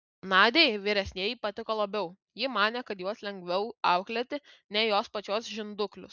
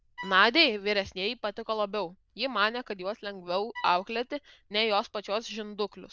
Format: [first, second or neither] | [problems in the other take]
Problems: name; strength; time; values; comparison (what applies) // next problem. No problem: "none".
first | noise reduction (neural diffusion model UNIVERSE++)